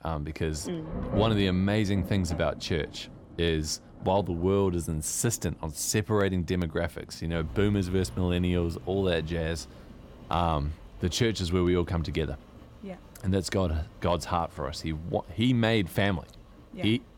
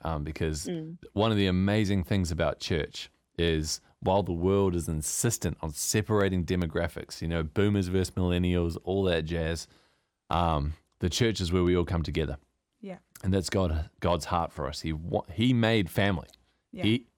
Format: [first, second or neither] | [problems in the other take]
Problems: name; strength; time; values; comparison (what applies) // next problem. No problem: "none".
second | rain or running water; noticeable; throughout; 15 dB below the speech